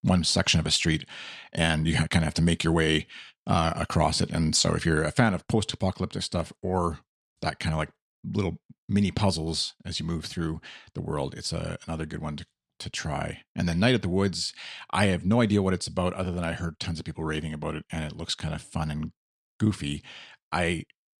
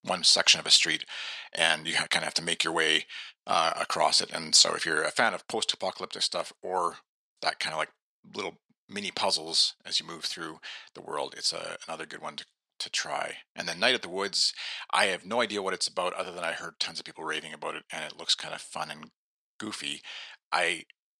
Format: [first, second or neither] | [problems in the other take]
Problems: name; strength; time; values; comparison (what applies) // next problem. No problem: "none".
first | thin; very; fading below 600 Hz